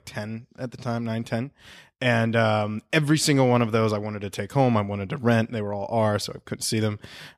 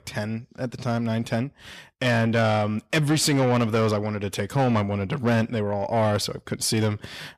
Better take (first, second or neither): first